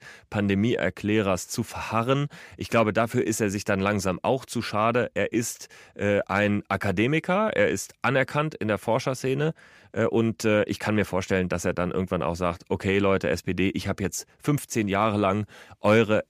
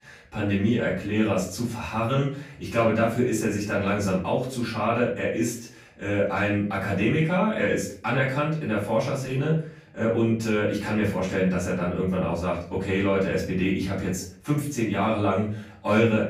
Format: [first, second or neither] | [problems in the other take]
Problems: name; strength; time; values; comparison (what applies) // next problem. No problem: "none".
first | room echo; noticeable; dies away in 0.4 s // off-mic speech; far